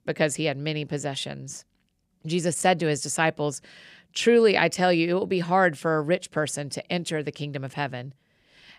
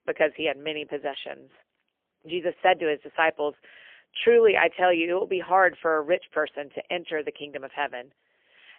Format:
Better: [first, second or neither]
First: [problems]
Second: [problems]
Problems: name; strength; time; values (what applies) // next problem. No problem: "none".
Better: first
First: none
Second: phone-call audio; poor line; nothing above 3 kHz